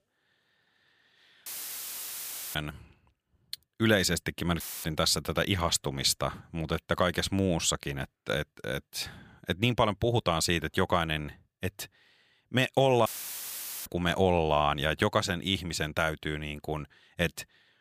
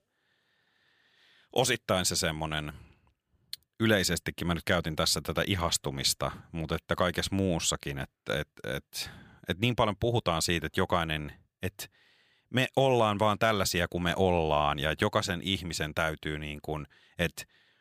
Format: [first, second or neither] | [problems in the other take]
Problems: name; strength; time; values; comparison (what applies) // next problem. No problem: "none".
second | audio cutting out; filled with static; at 1.5 s for 1 s, at 4.5 s and at 13 s for 1 s